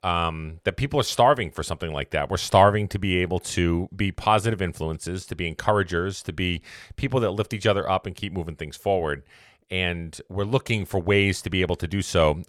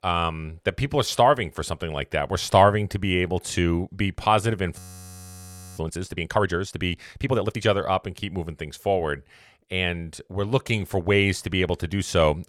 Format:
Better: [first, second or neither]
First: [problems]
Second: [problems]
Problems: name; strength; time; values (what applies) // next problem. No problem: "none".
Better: first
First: none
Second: audio freezing; at 5 s for 1 s